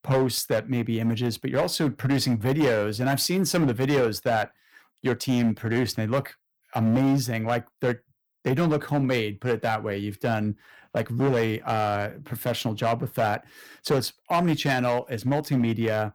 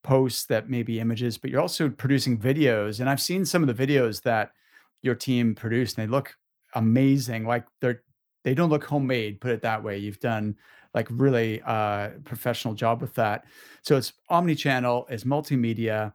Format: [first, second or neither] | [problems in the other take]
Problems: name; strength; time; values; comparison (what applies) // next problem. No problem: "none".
second | distortion; slight; 7% of the sound clipped